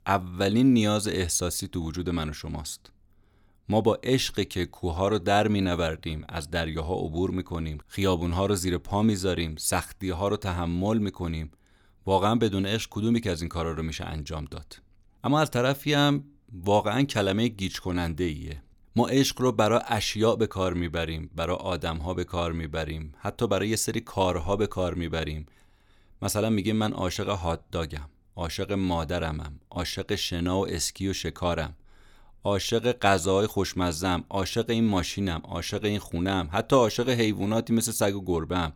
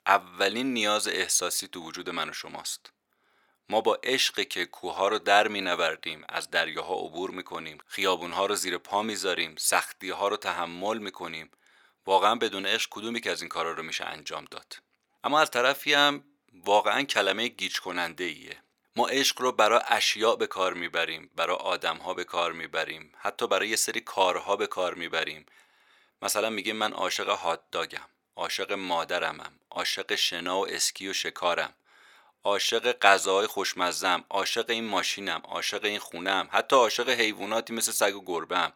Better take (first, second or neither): first